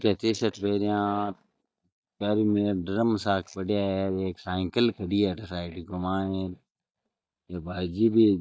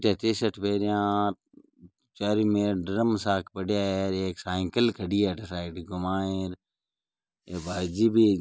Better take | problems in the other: second | noise reduction (neural mask model DeepFilterNet 3)

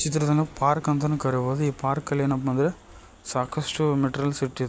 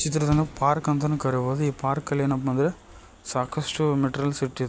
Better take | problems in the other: first | background sound (Bass drum); 19 dB below the speech

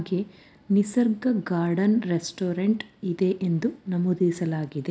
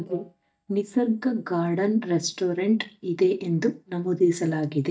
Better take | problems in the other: first | noise reduction (neural mask model DeepFilterNet 3)

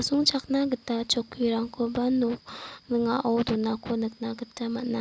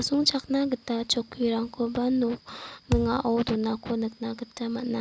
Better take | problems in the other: first | background sound (Thump, thud); 5 dB below the speech

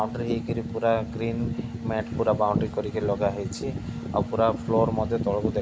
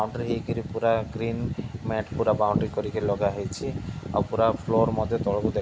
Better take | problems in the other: second | background sound (Brass instrument); 12 dB below the speech

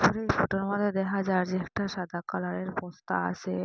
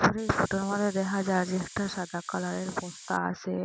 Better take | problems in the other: first | background sound (Hiss); 17 dB below the speech

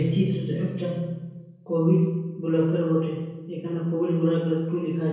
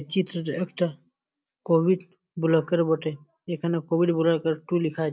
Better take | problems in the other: second | background sound (Guitar); 13 dB below the speech // room echo; dies away in 1 s

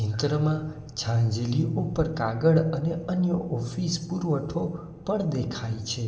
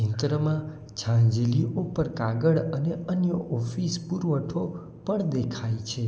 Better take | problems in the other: second | room echo; dies away in 1.8 s

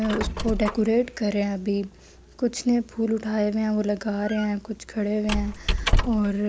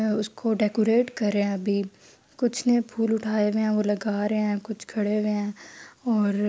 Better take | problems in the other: second | background sound (Squeak); 5 dB below the speech

